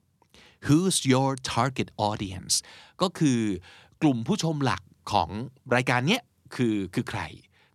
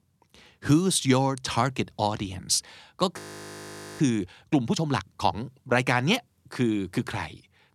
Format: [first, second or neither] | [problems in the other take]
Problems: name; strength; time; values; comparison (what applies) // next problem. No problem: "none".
first | audio freezing; at 3 s for 1 s